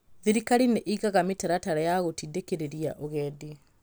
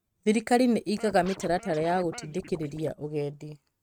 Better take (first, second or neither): first